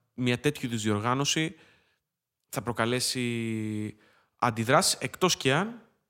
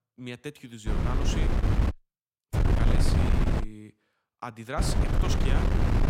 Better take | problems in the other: first | wind noise on the microphone; heavy; from 1 to 2 s, from 2.5 to 3.5 s and from 5 s on; 3 dB above the speech

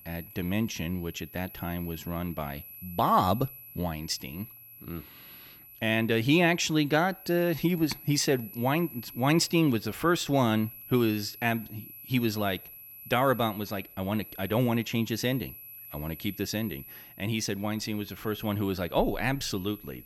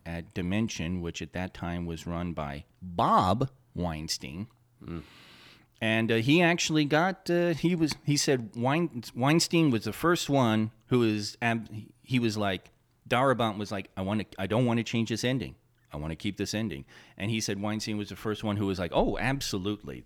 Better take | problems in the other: second | high-pitched whine; noticeable; throughout; 12 kHz, 15 dB below the speech

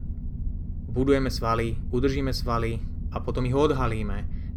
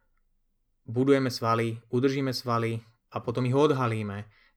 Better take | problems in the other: second | low rumble; faint; throughout; 20 dB below the speech

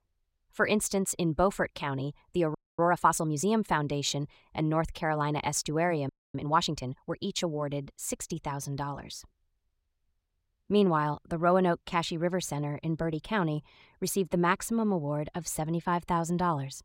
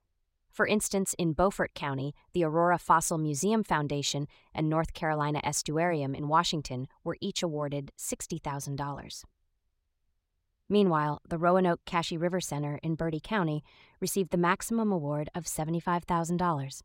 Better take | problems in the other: second | audio freezing; at 2.5 s and at 6 s

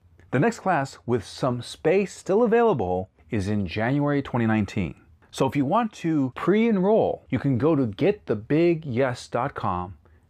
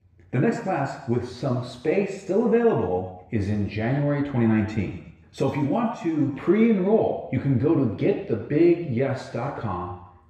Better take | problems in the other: first | room echo; noticeable; dies away in 0.8 s // off-mic speech; far

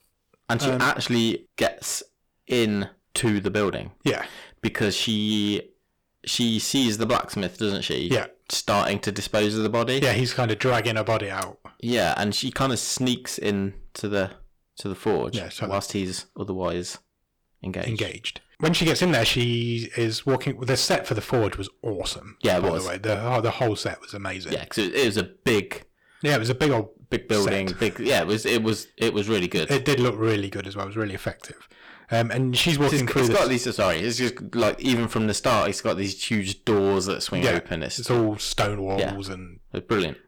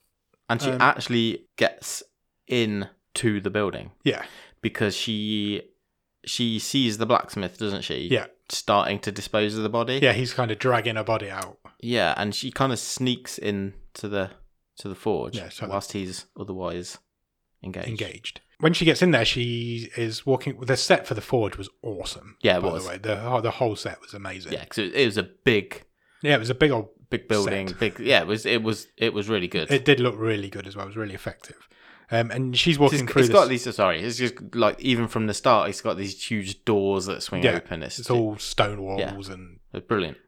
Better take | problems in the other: second | distortion; heavy; 10% of the sound clipped

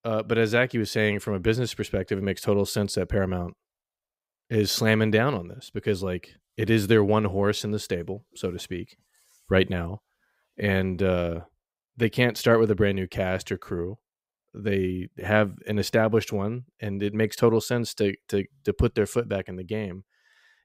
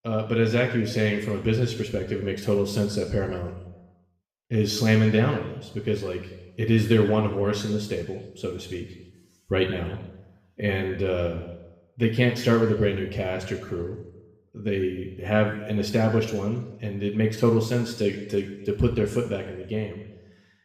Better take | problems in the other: first | room echo; noticeable; dies away in 0.9 s // off-mic speech; far

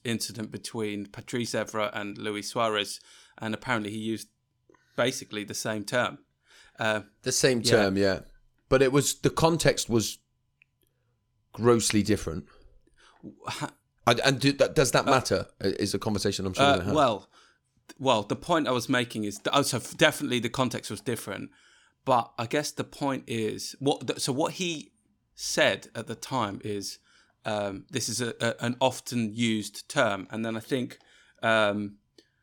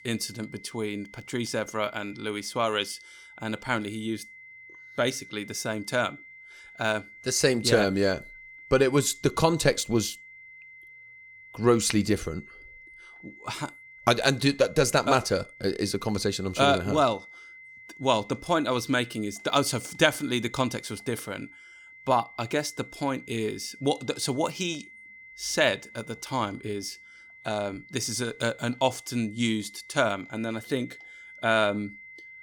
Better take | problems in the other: first | high-pitched whine; noticeable; throughout; 2 kHz, 20 dB below the speech

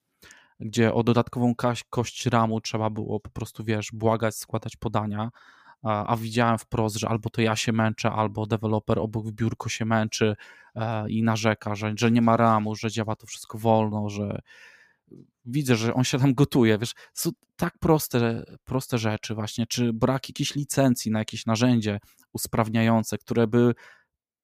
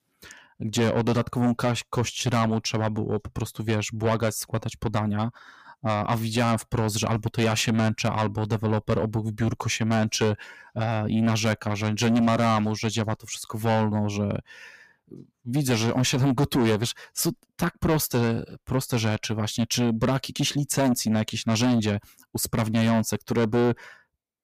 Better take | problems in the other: first | distortion; heavy; 7 dB below the speech

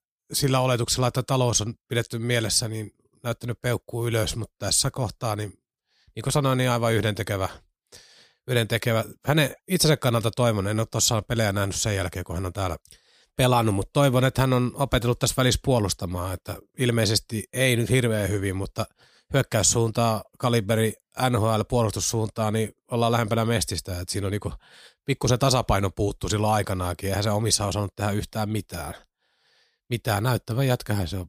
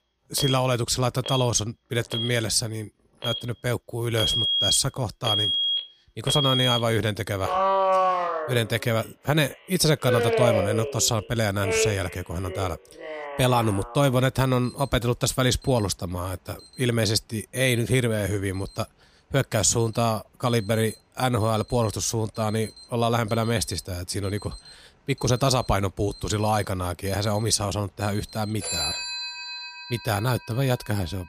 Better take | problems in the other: first | alarms or sirens; loud; throughout; 1 dB below the speech

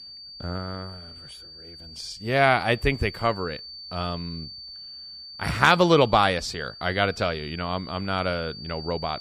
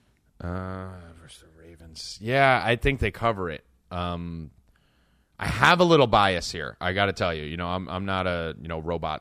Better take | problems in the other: second | high-pitched whine; noticeable; throughout; 4.5 kHz, 15 dB below the speech

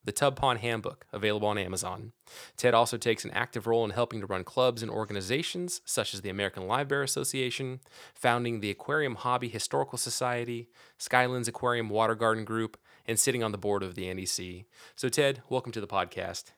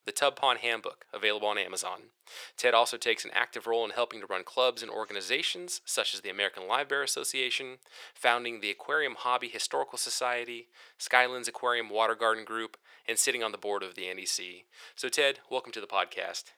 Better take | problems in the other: first | thin; very; fading below 500 Hz

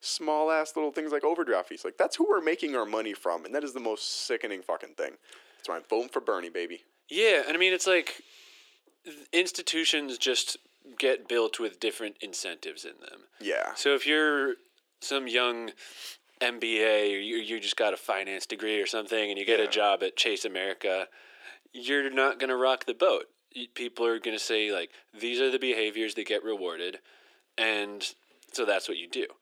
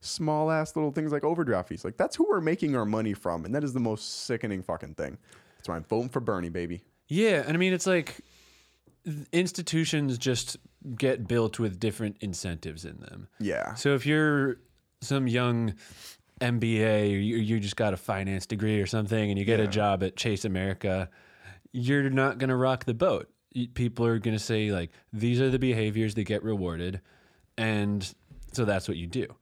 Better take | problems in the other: second | thin; very; fading below 350 Hz

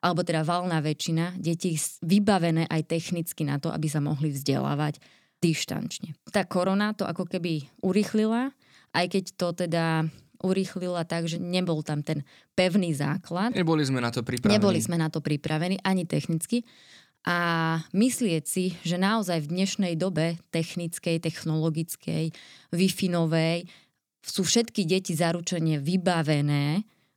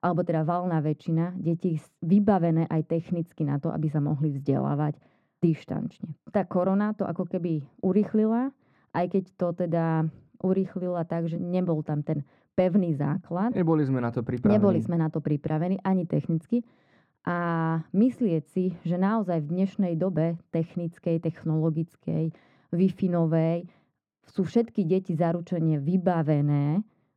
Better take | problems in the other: first | muffled; very; fading above 2.5 kHz

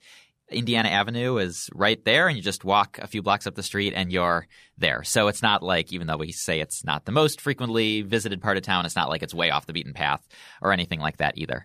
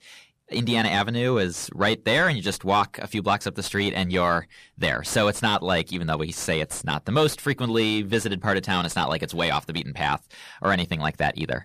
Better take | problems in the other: first | distortion; slight; 10 dB below the speech

